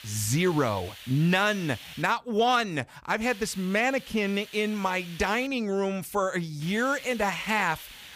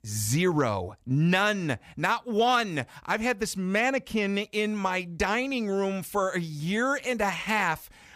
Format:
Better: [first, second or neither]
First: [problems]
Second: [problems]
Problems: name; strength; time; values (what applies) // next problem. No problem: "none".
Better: second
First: hiss; noticeable; until 2 s, from 3 to 5.5 s and from 6.5 s on; 15 dB below the speech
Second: none